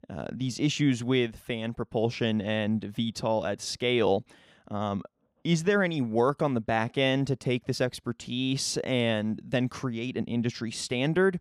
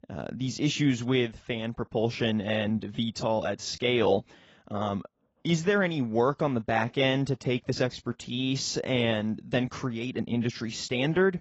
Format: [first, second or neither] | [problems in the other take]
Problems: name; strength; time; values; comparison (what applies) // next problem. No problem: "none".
first | garbled, watery; badly; nothing above 7.5 kHz